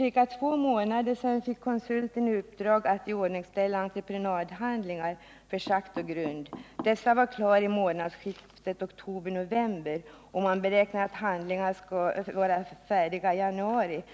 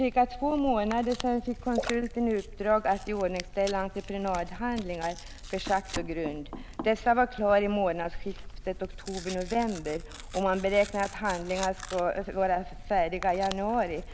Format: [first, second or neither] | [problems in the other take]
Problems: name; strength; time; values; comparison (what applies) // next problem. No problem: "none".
first | background sound (Tearing + Splash, splatter); 12 dB below the speech